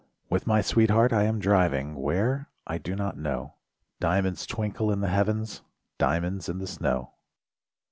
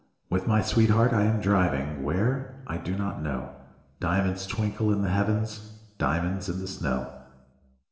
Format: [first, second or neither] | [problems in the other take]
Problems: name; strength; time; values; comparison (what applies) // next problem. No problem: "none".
first | room echo; dies away in 1 s